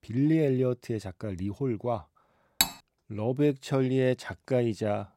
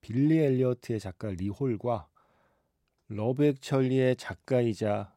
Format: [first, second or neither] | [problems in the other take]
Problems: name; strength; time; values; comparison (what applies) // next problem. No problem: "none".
second | clattering dishes; loud; at 2.5 s; peak 2 dB above the speech